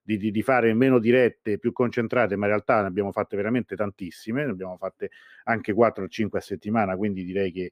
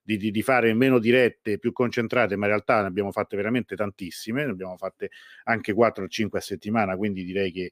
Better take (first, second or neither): second